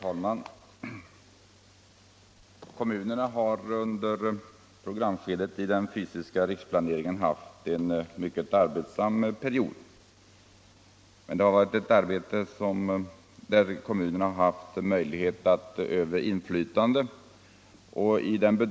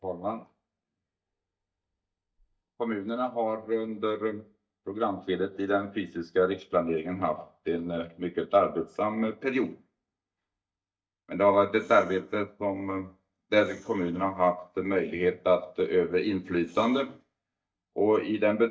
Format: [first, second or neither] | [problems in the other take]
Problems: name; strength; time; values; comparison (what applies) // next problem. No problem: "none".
first | noise reduction (neural mask model DeepFilterNet 3)